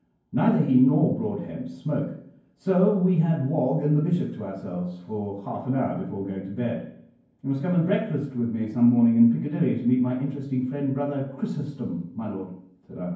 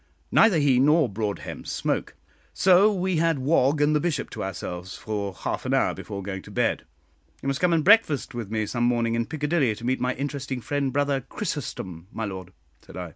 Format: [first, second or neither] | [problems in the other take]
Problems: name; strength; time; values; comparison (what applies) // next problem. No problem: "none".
second | room echo; dies away in 0.9 s